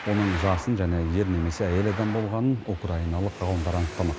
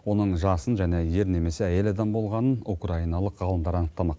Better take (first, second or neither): second